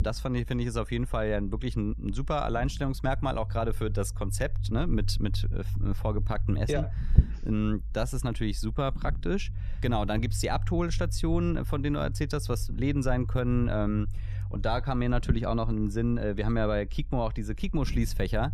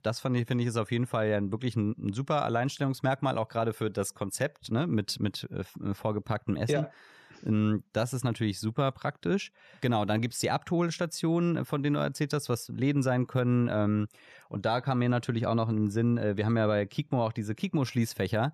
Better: second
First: low rumble; noticeable; throughout; 15 dB below the speech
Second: none

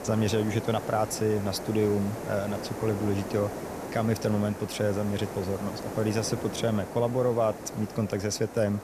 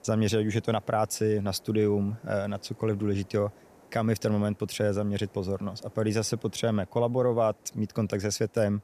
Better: second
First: hiss; loud; throughout; 9 dB below the speech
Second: hiss; faint; throughout; 30 dB below the speech

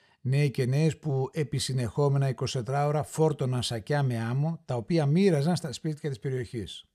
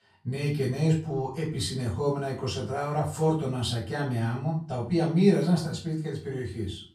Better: first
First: none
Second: room echo; slight; dies away in 0.3 s // off-mic speech; far

